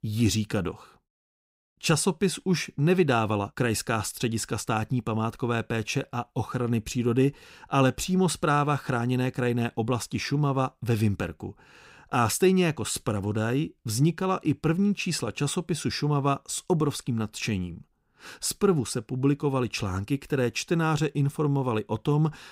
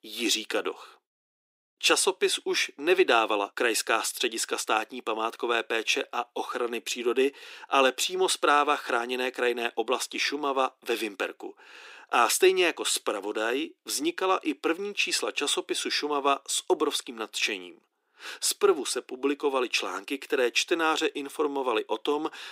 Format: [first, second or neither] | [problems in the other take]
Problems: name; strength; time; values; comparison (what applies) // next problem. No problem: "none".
first | thin; very; fading below 300 Hz